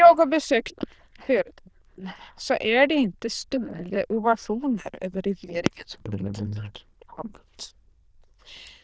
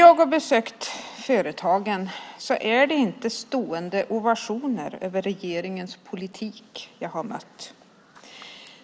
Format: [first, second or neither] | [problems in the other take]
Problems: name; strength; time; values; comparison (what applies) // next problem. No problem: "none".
second | noise reduction (neural diffusion model UNIVERSE++)